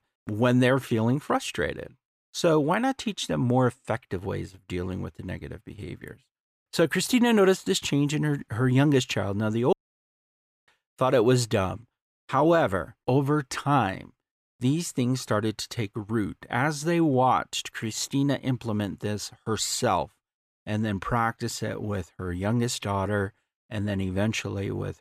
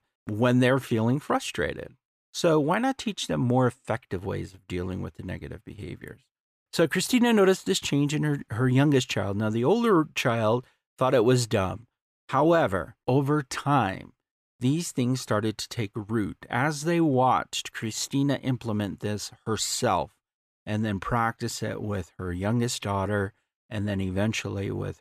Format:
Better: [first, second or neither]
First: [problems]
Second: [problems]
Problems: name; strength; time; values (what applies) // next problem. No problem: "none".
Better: second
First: audio cutting out; at 9.5 s for 1 s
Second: none